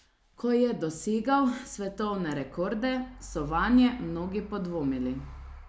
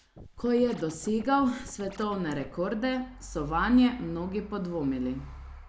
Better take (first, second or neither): first